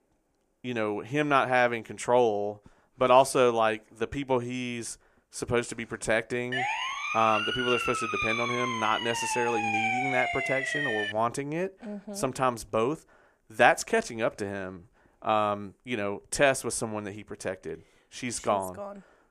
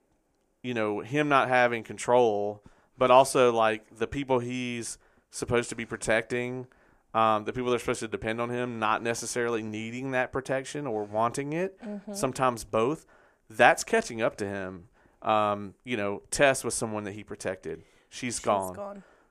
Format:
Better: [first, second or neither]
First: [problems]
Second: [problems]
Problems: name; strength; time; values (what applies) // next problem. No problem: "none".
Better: second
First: siren; loud; from 6.5 to 11 s; peak 2 dB above the speech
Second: none